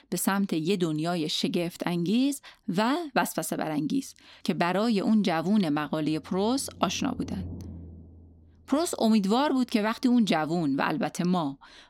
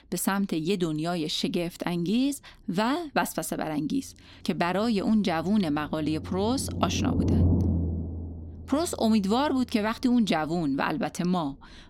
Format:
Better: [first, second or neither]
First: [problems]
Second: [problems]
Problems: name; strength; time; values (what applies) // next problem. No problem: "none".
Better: first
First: low rumble; faint; throughout; 25 dB below the speech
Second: low rumble; loud; throughout; 8 dB below the speech